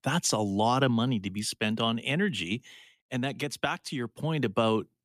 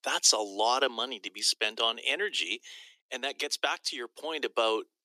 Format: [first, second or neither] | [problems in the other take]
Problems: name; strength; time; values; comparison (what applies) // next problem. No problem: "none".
first | thin; very; fading below 350 Hz